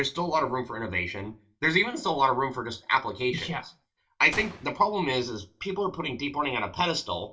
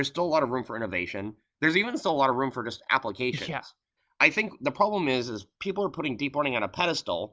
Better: second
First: background sound (Gunshot, gunfire); 18 dB below the speech // room echo; dies away in 0.2 s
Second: none

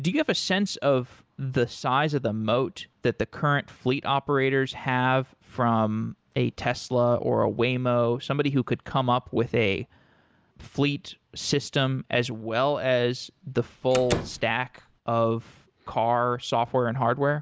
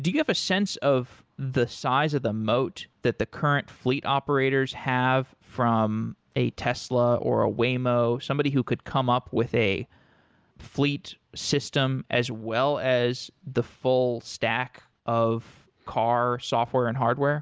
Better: second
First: background sound (Slam); 8 dB below the speech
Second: none

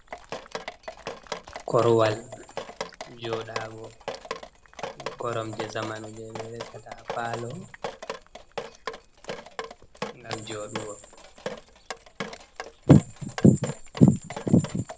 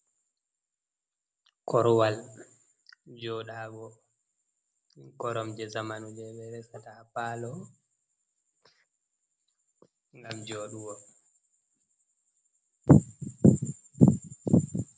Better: second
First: background sound (Drip); 11 dB below the speech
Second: none

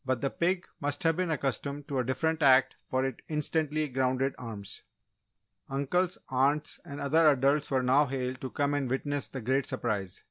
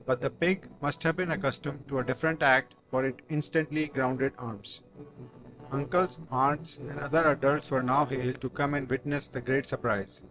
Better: first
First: none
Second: noise reduction (neural separator model SepFormer DNS4)

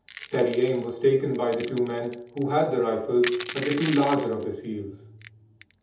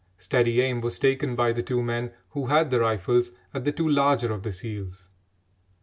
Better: second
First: background sound (Crushing); 15 dB below the speech // room echo; dies away in 0.6 s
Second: none

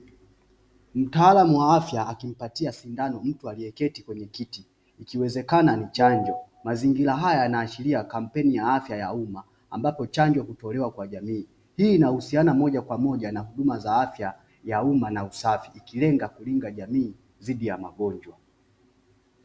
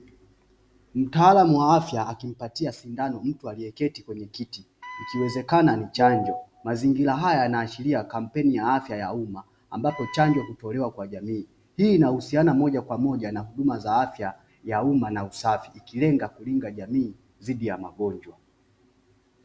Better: first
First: none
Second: background sound (Wind instrument, woodwind instrument); 16 dB below the speech

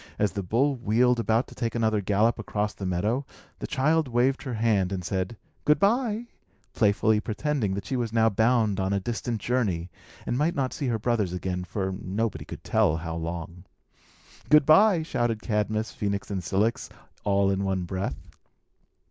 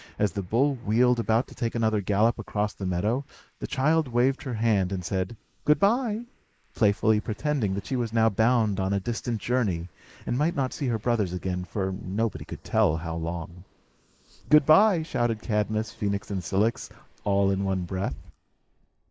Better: first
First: none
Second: noise reduction (neural mask model Resemble Enhance denoiser)

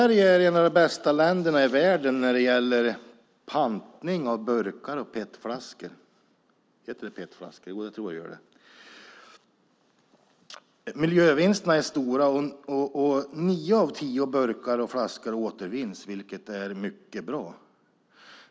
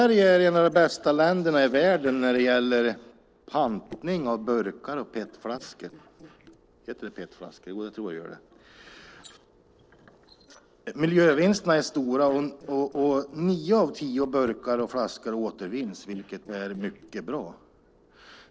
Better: first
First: none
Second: noise reduction (neural separator model SepFormer DNS4)

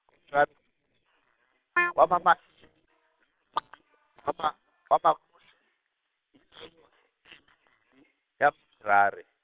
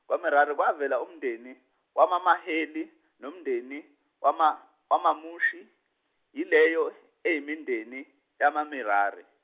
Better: second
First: noise reduction (neural separator model SepFormer WHAM!)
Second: none

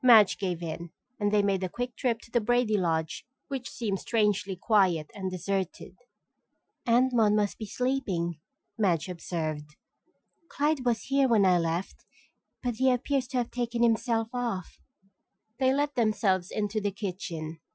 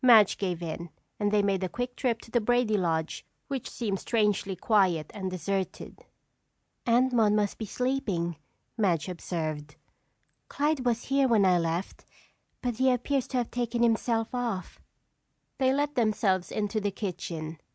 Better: second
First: noise reduction (classical method Wiener filter)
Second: none

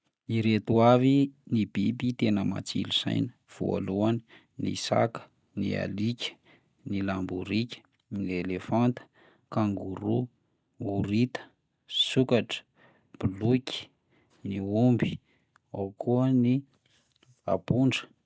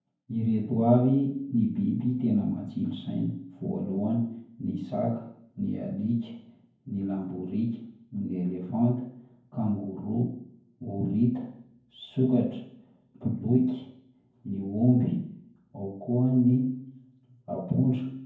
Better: first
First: none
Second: room echo; dies away in 0.9 s

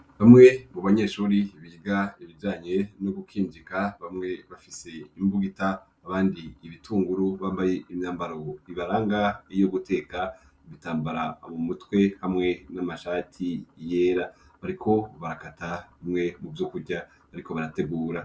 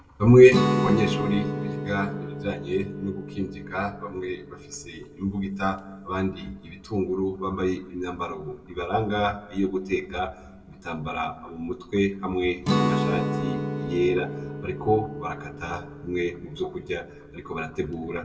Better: first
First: none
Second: background sound (Guitar); 6 dB below the speech // room echo; dies away in 1.3 s

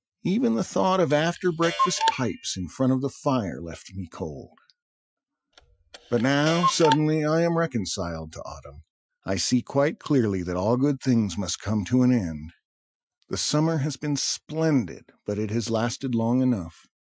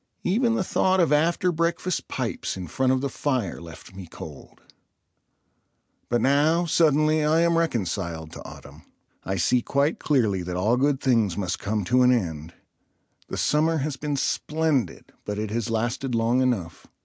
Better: second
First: noise reduction (classical method Wiener filter)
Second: none

